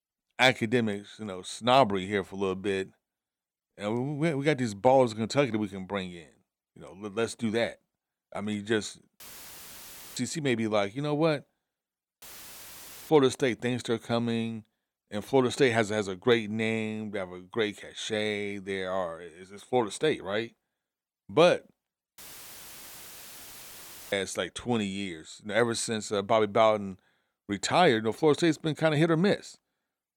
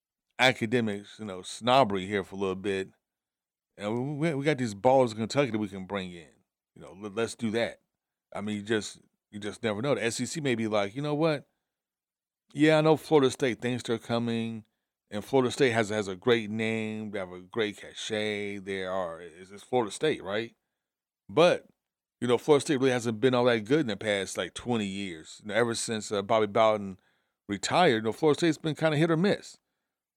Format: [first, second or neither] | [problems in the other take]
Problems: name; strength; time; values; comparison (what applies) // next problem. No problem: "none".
second | audio cutting out; filled with static; at 9 s for 1 s, at 12 s for 1 s and at 22 s for 2 s